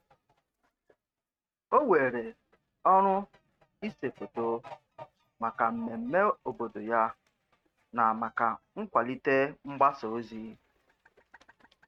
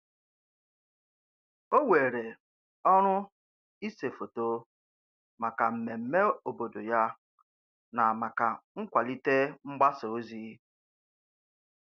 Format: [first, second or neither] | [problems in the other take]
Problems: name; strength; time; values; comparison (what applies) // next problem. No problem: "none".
second | noise reduction (neural mask model RNNoise)